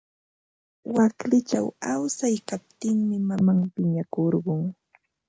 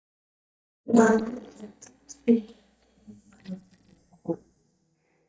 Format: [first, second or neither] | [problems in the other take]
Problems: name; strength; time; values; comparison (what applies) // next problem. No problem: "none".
first | noise reduction (neural mask model DeepFilterNet 3)